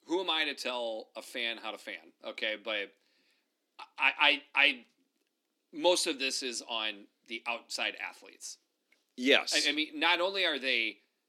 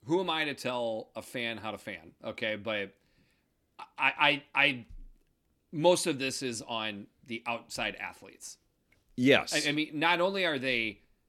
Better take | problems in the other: second | thin; very slightly; fading below 250 Hz

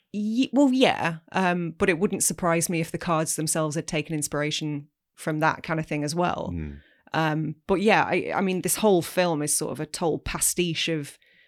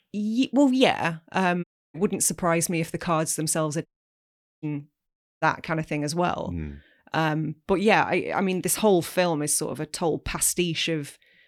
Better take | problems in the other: first | audio cutting out; at 1.5 s, at 4 s for 1 s and at 5 s

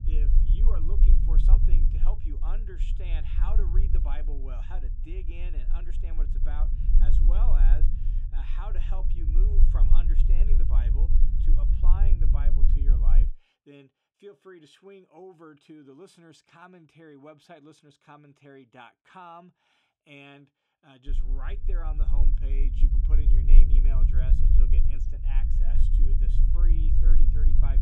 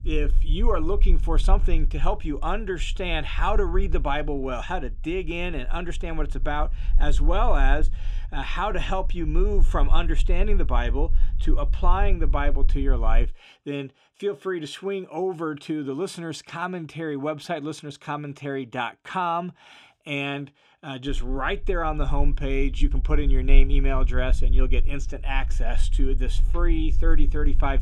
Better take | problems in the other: second | low rumble; loud; until 13 s and from 21 s on; 1 dB below the speech; faint in the second

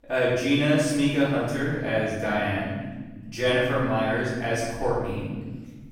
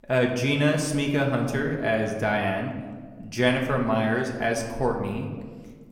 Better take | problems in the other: second | room echo; strong; dies away in 1.3 s; slight in the second // off-mic speech; far; somewhat distant in the second

